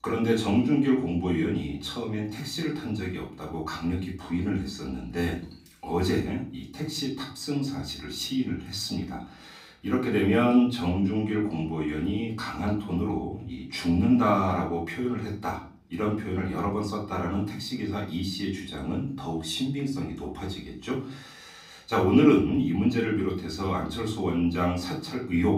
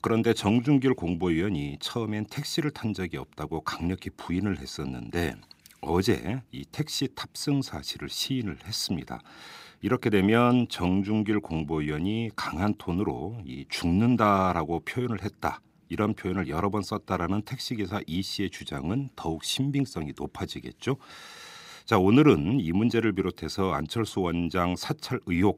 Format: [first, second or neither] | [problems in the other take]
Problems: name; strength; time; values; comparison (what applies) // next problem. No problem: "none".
second | off-mic speech; far // room echo; slight; dies away in 0.4 s